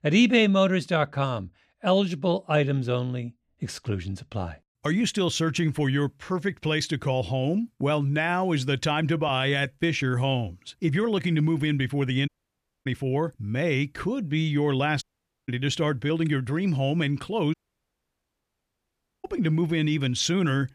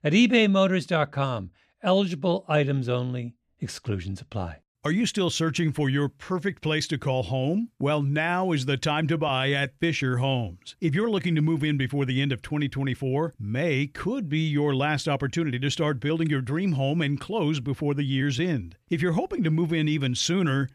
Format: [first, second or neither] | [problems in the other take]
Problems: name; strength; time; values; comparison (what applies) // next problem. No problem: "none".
second | audio cutting out; at 12 s for 0.5 s, at 15 s and at 18 s for 1.5 s